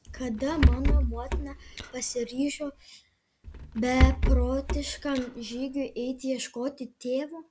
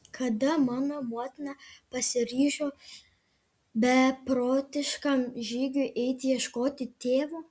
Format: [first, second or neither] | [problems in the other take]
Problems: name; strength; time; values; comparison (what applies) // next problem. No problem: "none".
second | background sound (Rattle / Breathing); 4 dB above the speech